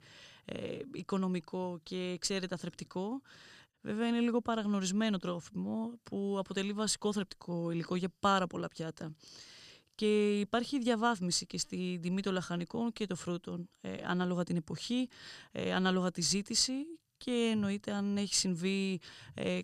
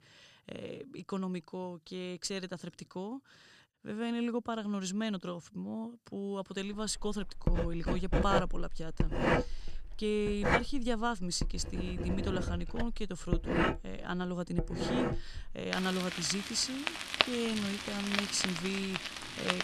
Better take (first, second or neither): first